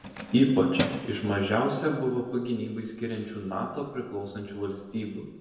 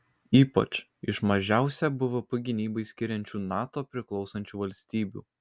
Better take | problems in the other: second | background sound (Keys jangling); 11 dB below the speech // room echo; dies away in 0.9 s

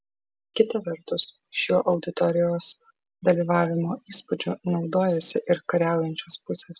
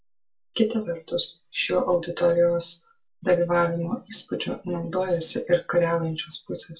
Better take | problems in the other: first | room echo; dies away in 0.2 s

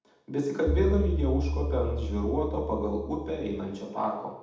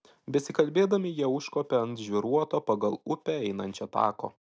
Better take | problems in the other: second | background sound (Bowed string instrument); as loud as the speech // room echo; dies away in 0.8 s

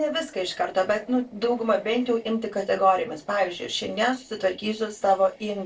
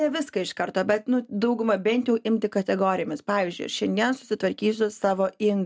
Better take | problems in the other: second | noise reduction (neural separator model SepFormer DNS4)

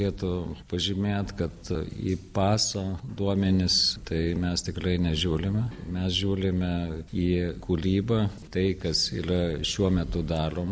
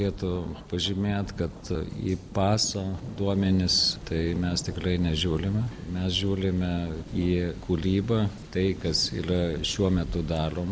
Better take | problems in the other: first | background sound (Thunder); 17 dB below the speech

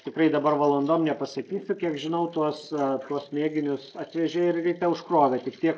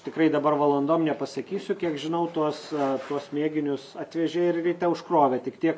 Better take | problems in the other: second | noise reduction (neural mask model Resemble Enhance denoiser)

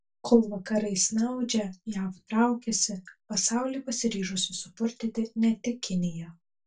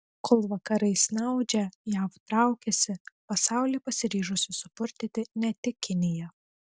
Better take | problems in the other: second | room echo; dies away in 0.2 s

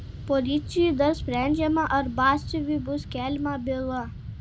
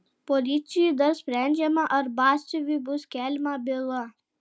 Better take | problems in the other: second | background sound (Fixed-wing aircraft, airplane); 10 dB below the speech

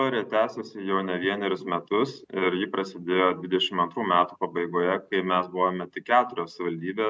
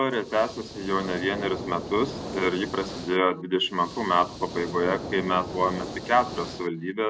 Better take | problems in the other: first | background sound (Hiss); 11 dB below the speech

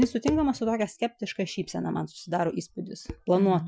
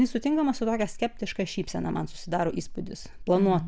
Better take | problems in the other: second | noise reduction (classical method Wiener filter)

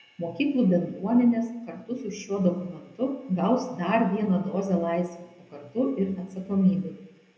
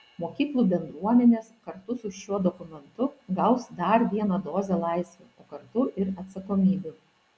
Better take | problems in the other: second | room echo; dies away in 0.7 s

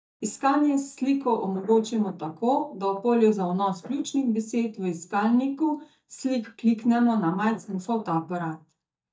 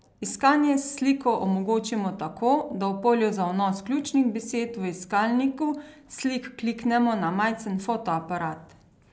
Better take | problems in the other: second | noise reduction (neural mask model DeepFilterNet 3)

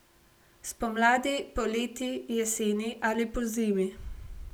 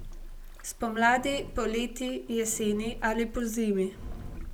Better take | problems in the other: first | background sound (Engine); 12 dB below the speech

